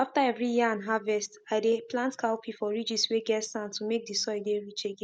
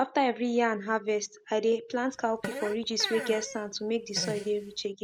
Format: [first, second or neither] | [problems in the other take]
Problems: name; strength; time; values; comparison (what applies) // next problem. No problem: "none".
first | background sound (Fart); 11 dB below the speech